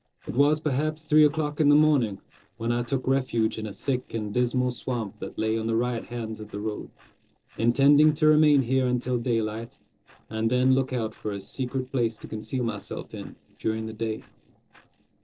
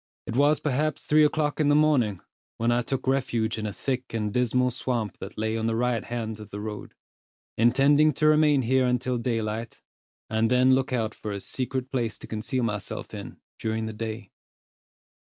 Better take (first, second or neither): second